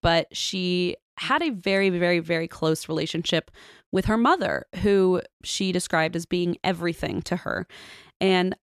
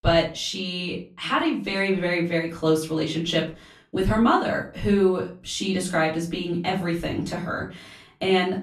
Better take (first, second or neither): first